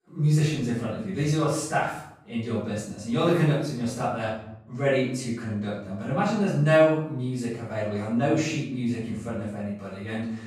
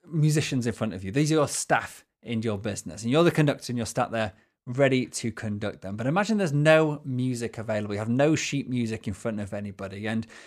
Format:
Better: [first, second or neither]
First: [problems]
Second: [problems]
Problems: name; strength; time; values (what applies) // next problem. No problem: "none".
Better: second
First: off-mic speech; far // room echo; noticeable; dies away in 0.7 s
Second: none